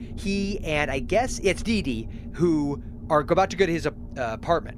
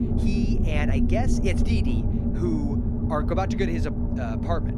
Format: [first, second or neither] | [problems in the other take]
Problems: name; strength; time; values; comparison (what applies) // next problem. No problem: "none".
first | low rumble; loud; throughout; 2 dB below the speech; faint in the first